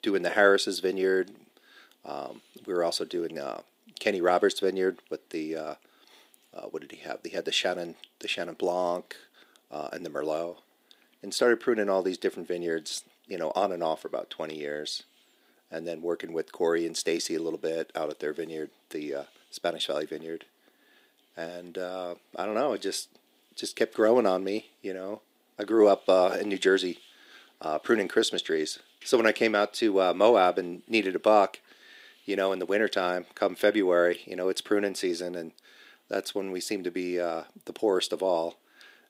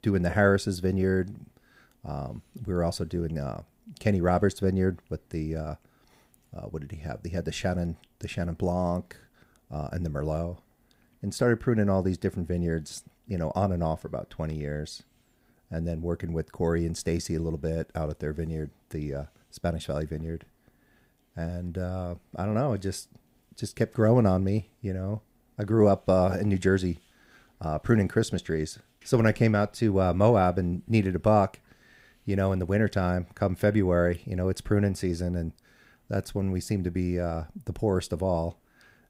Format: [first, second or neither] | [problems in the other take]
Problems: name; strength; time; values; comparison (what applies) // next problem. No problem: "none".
second | thin; somewhat; fading below 300 Hz